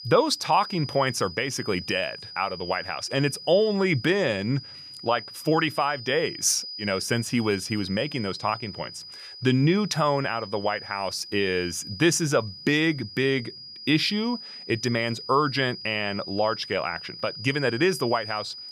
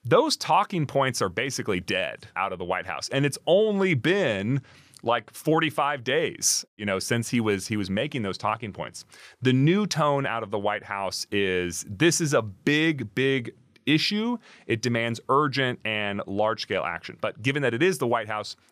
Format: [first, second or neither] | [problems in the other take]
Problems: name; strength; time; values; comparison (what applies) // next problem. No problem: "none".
second | high-pitched whine; noticeable; throughout; 5 kHz, 10 dB below the speech